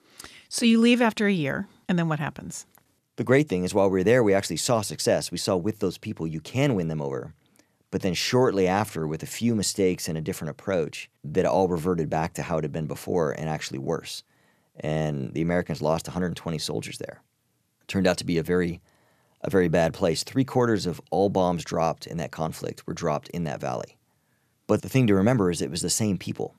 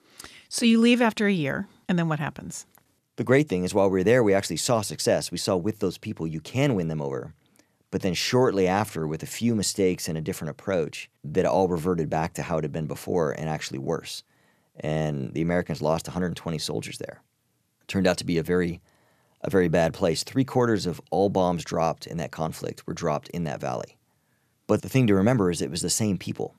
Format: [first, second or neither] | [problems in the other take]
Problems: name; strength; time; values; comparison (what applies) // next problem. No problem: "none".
neither | none